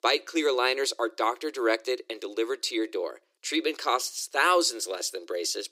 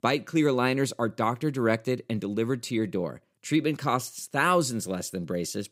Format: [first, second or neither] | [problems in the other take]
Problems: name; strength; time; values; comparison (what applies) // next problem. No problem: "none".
second | thin; very; fading below 350 Hz